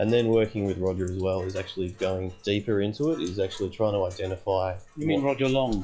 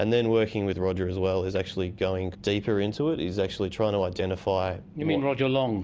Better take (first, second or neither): second